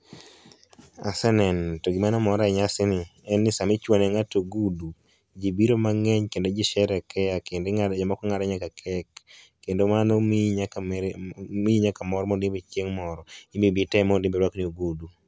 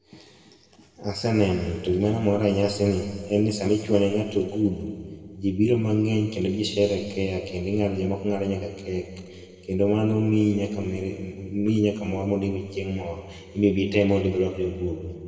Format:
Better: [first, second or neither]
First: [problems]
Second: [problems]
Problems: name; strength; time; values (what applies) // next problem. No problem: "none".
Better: first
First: none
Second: room echo; dies away in 2.1 s